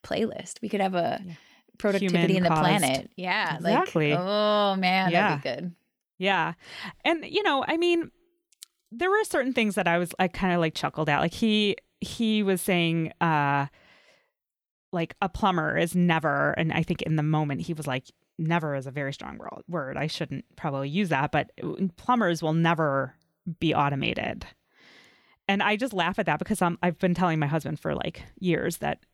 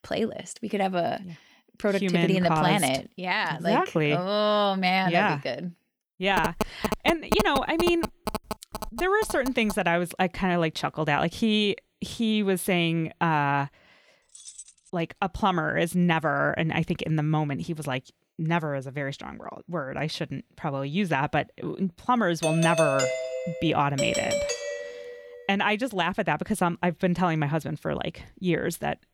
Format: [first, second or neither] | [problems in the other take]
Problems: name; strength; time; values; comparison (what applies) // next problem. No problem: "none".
first | phone ringing; noticeable; from 6.5 to 9.5 s; peak 1 dB below the speech // jangling keys; faint; at 14 s; peak 15 dB below the speech // doorbell; loud; from 22 to 25 s; peak 1 dB above the speech